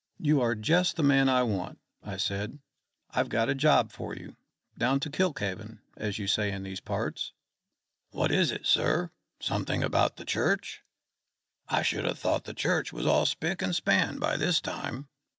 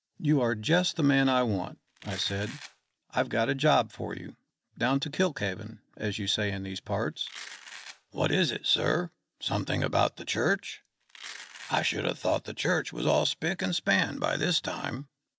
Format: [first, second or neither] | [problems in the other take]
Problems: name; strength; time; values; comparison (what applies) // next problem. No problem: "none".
first | background sound (Domestic sounds, home sounds); 17 dB below the speech